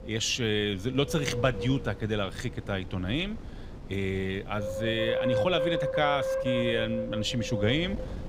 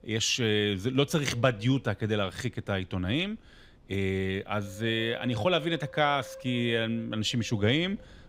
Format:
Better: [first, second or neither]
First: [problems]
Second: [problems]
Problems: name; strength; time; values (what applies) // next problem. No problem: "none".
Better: second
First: wind noise on the microphone; heavy; 1 dB below the speech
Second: wind noise on the microphone; occasional gusts; 20 dB below the speech